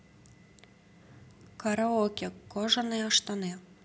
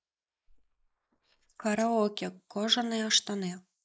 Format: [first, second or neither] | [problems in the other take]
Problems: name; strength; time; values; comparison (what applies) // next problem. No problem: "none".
first | noise reduction (neural mask model Resemble Enhance denoiser)